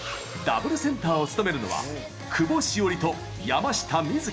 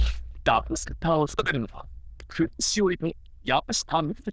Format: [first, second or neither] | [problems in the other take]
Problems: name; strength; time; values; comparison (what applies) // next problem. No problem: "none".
first | noise reduction (neural diffusion model UNIVERSE++)